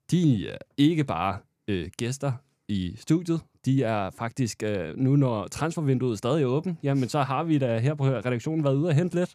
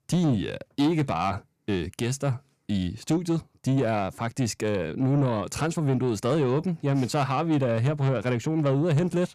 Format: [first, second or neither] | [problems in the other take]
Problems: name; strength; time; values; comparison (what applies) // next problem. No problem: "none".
first | distortion; slight; 10 dB below the speech